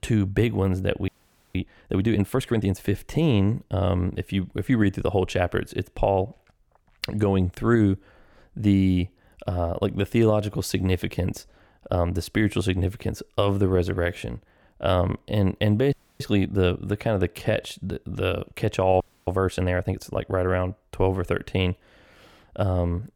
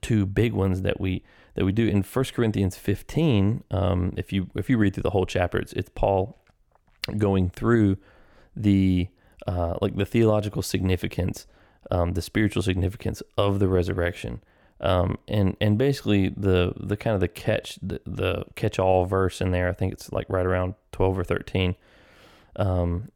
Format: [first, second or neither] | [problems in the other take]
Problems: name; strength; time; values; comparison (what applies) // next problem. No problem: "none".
second | audio freezing; at 1 s, at 16 s and at 19 s